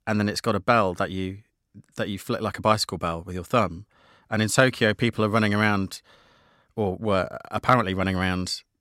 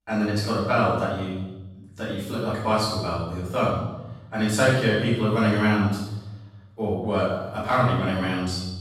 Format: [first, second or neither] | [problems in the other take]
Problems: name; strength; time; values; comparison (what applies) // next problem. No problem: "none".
first | off-mic speech; far // room echo; strong; dies away in 1 s